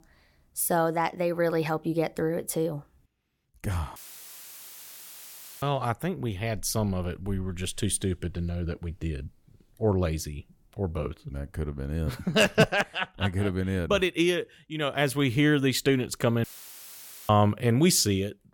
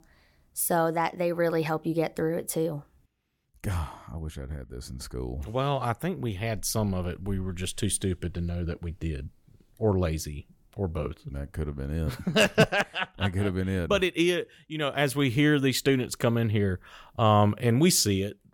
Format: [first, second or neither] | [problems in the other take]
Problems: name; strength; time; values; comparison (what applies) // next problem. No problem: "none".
second | audio cutting out; filled with static; at 4 s for 1.5 s and at 16 s for 1 s